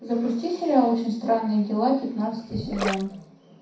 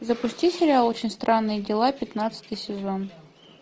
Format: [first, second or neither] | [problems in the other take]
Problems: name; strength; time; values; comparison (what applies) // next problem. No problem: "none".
second | background sound (Gurgling); 8 dB below the speech // room echo; dies away in 0.6 s